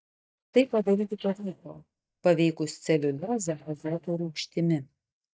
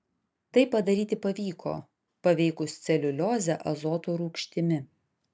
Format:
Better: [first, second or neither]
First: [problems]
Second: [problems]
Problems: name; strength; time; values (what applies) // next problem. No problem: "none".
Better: second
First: noise reduction (neural mask model DeepFilterNet 3)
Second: none